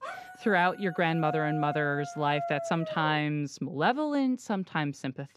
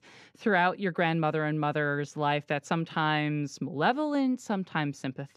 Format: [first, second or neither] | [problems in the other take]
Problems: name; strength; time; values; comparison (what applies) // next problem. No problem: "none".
second | dog barking; noticeable; until 3 s; peak 7 dB below the speech